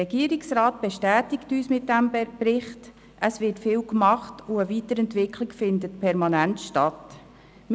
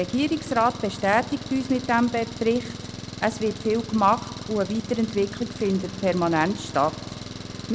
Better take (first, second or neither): first